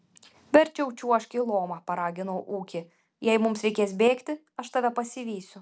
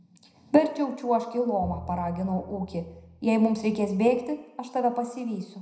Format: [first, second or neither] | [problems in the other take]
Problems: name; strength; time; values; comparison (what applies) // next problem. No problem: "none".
first | background sound (Bowed string instrument); 18 dB below the speech // room echo; dies away in 0.8 s